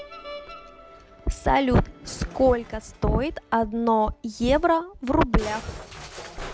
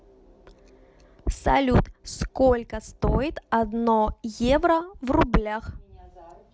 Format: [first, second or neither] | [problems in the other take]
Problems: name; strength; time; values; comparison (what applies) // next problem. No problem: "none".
second | background sound (Musical instrument); 18 dB below the speech